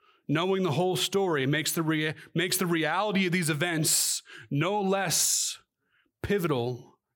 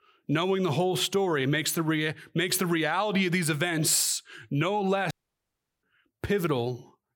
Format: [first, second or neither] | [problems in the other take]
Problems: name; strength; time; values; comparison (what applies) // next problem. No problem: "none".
first | audio cutting out; at 5 s for 0.5 s